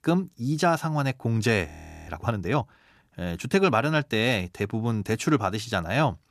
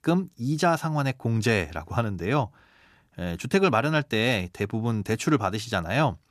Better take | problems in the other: second | audio freezing; at 1.5 s

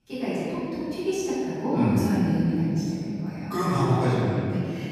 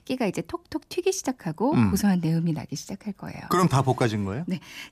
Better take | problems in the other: second | off-mic speech; far // room echo; strong; dies away in 2.6 s

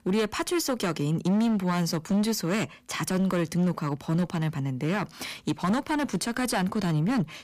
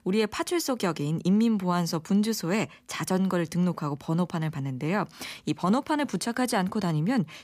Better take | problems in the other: second | distortion; slight; 12% of the sound clipped

